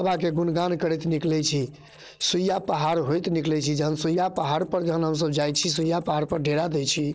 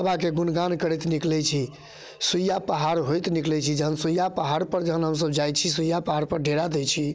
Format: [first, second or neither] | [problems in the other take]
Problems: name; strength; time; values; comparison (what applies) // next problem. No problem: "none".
second | noise reduction (neural separator model SepFormer DNS4)